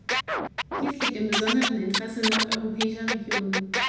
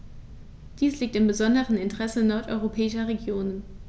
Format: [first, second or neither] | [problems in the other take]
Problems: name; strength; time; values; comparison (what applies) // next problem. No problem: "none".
second | background sound (Scratching (performance technique)); as loud as the speech // room echo; dies away in 0.9 s